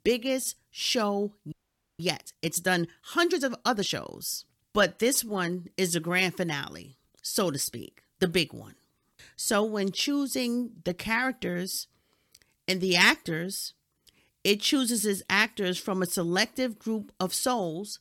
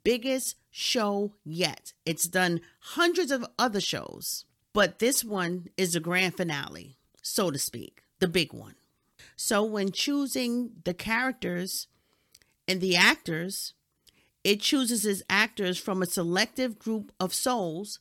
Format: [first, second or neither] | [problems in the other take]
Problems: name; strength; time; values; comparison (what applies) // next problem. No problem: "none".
second | audio freezing; at 1.5 s